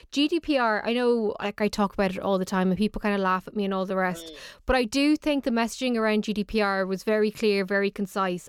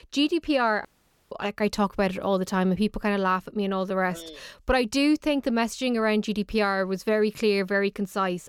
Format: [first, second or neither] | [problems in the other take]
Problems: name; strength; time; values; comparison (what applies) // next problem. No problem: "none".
first | audio cutting out; at 1 s